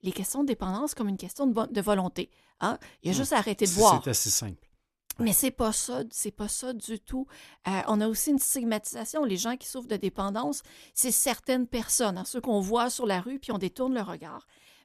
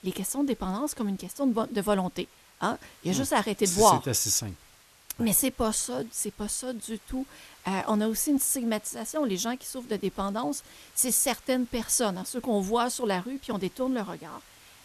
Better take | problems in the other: first | hiss; faint; throughout; 25 dB below the speech

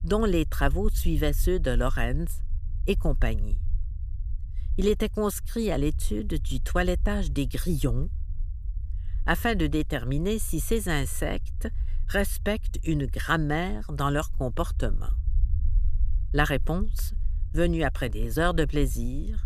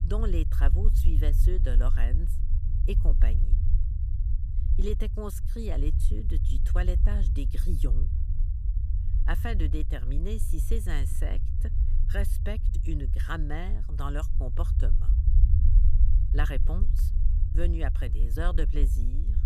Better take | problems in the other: first | low rumble; loud; throughout; 8 dB below the speech; faint in the first

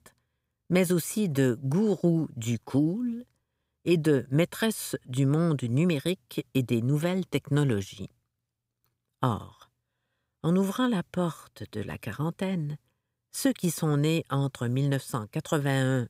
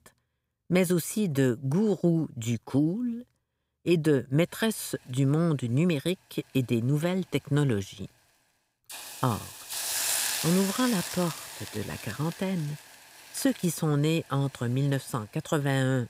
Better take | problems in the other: first | hiss; loud; from 4.5 s on; 5 dB below the speech

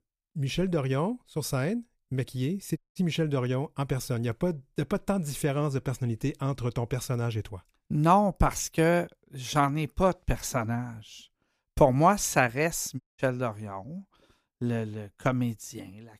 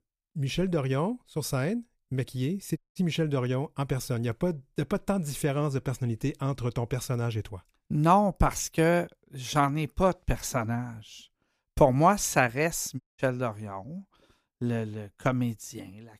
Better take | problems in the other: neither | audio cutting out; at 3 s and at 13 s; the same in both

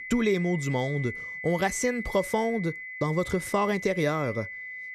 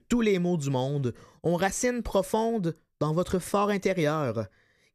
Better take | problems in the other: second | high-pitched whine; loud; throughout; 2 kHz, 8 dB below the speech

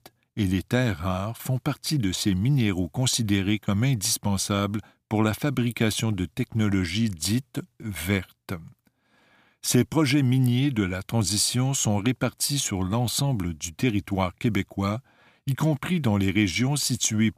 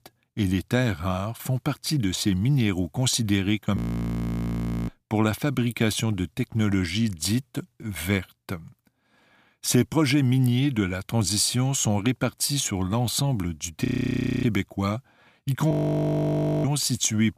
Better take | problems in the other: first | audio freezing; at 4 s for 1 s, at 14 s for 0.5 s and at 16 s for 1 s

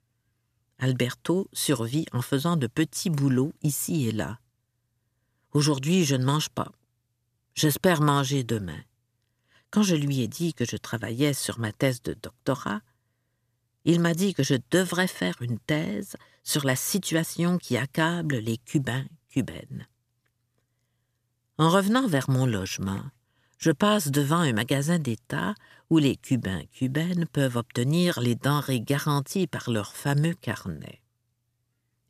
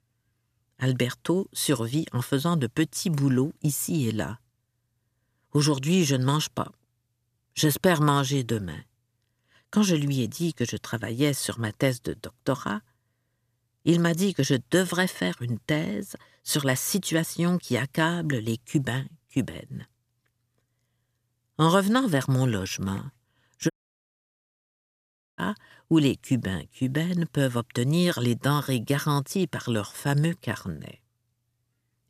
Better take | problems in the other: first | audio cutting out; at 24 s for 1.5 s

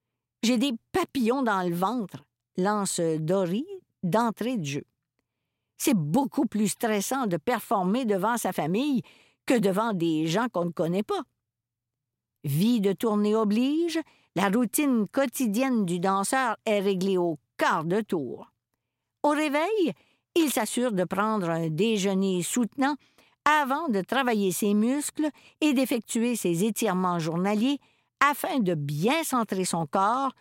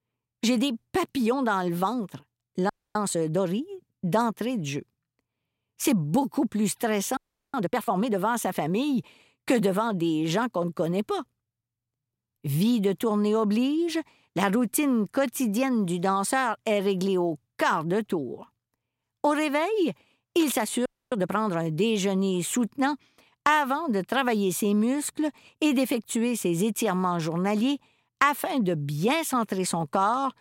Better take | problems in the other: first | audio freezing; at 2.5 s, at 7 s and at 21 s

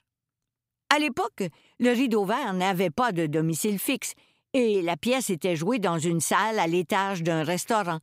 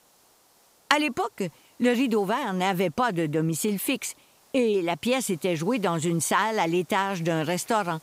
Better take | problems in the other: first | hiss; faint; throughout; 30 dB below the speech

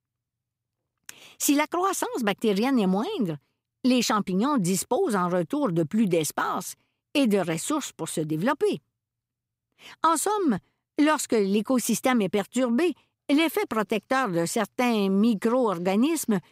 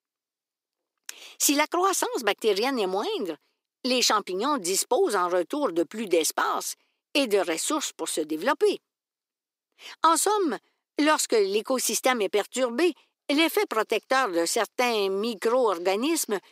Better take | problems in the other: first | thin; somewhat; fading below 350 Hz

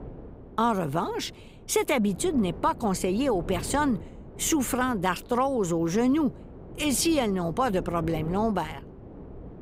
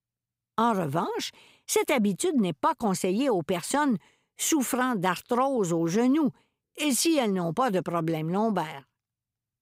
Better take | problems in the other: second | wind noise on the microphone; occasional gusts; 20 dB below the speech

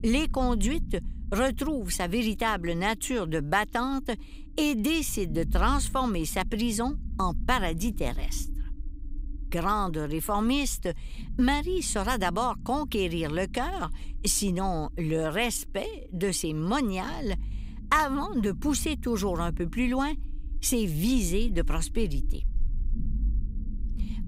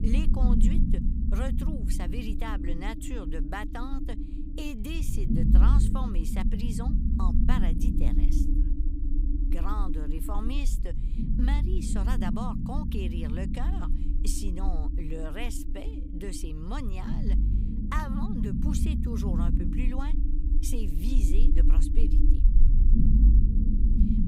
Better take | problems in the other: first | low rumble; loud; throughout; 1 dB below the speech; faint in the first

